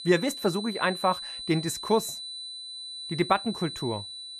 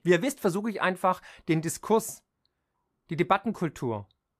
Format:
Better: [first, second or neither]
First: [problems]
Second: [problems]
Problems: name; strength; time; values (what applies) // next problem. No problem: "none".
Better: second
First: high-pitched whine; loud; throughout; 4 kHz, 8 dB below the speech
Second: none